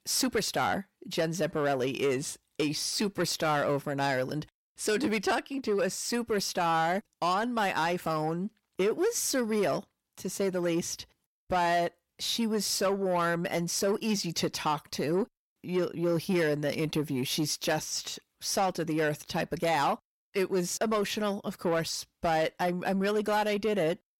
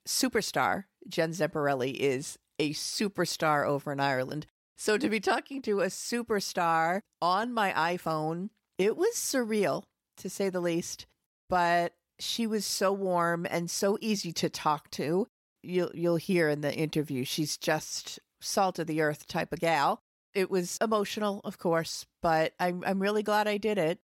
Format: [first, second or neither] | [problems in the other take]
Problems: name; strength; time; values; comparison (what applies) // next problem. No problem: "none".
second | distortion; slight; 10 dB below the speech